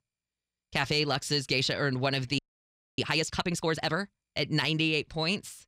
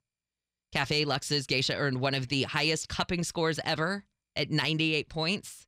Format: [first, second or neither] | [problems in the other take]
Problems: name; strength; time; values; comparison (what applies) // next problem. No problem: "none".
second | audio freezing; at 2.5 s for 0.5 s